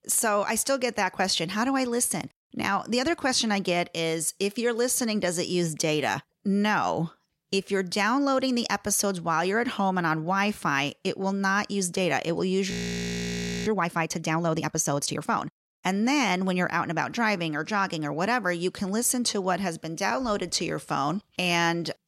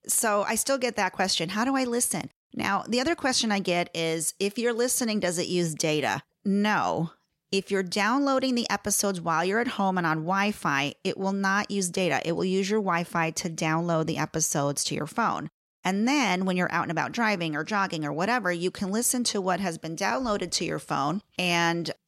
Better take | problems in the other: second | audio freezing; at 13 s for 1 s

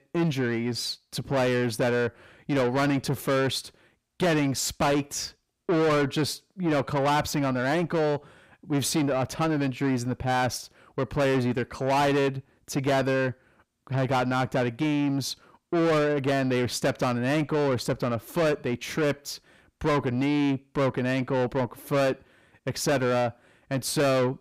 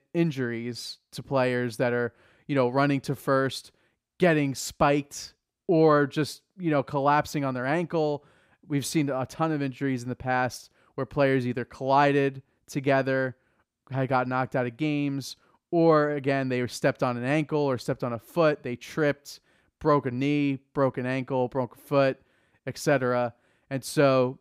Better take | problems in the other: second | distortion; heavy; 7 dB below the speech

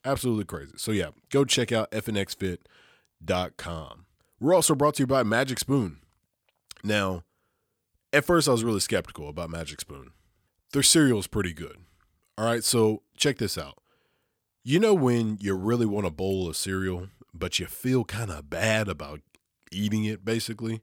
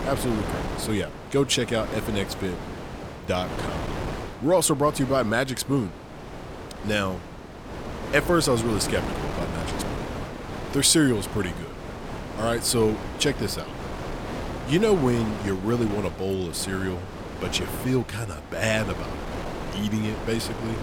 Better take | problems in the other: first | wind noise on the microphone; heavy; 9 dB below the speech

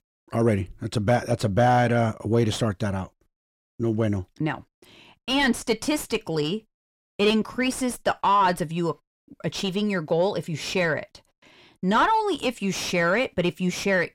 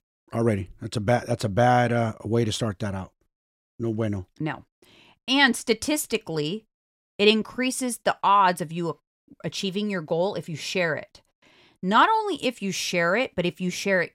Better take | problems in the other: second | distortion; slight; 10 dB below the speech

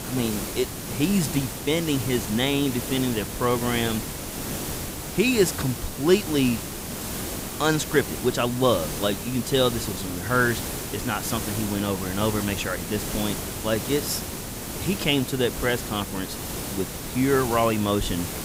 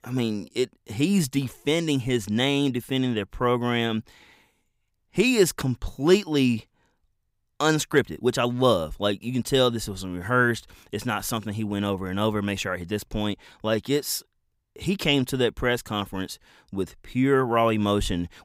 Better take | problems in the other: second | hiss; loud; throughout; 6 dB below the speech

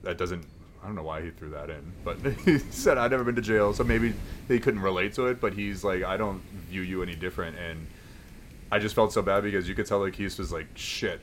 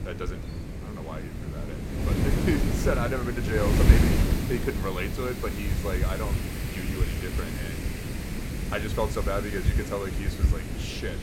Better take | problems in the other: first | wind noise on the microphone; heavy; 3 dB below the speech; occasional gusts in the first

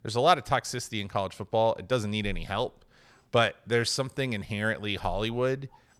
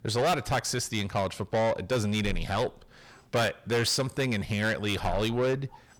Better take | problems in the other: first | distortion; heavy; 6 dB below the speech

